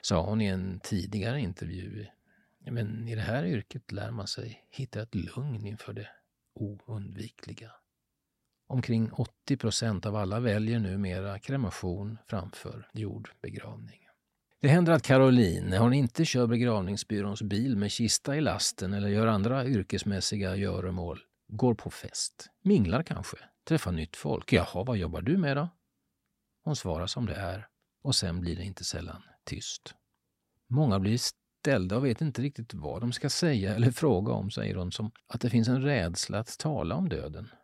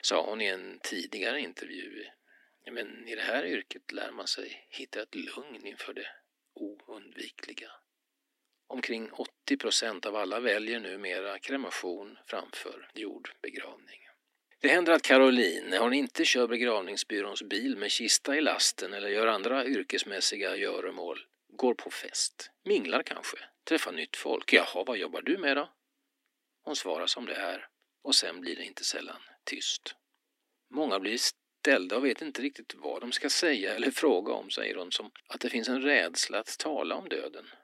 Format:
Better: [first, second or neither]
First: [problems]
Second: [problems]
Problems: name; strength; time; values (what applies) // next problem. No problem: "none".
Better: first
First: none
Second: thin; somewhat; fading below 250 Hz